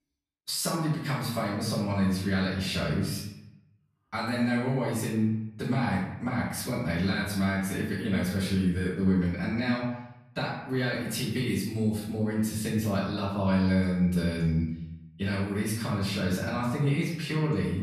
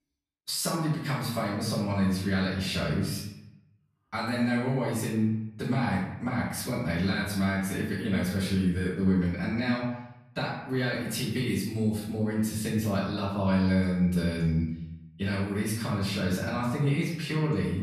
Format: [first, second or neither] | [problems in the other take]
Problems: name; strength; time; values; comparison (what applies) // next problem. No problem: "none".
neither | off-mic speech; far; the same in both // room echo; noticeable; dies away in 0.8 s; the same in both